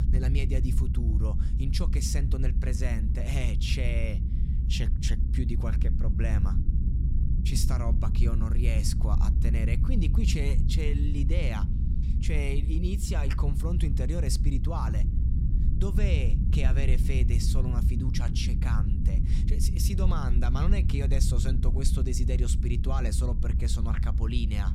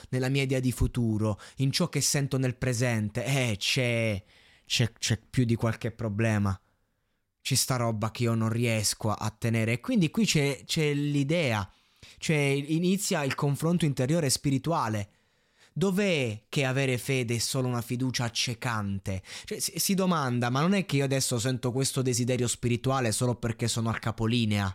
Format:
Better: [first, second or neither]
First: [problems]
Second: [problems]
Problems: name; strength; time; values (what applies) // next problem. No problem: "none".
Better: second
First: low rumble; loud; throughout; 5 dB below the speech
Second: none